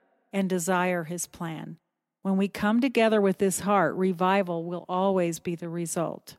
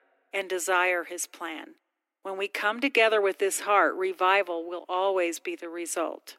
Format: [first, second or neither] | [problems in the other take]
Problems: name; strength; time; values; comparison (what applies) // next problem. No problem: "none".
first | thin; very; fading below 300 Hz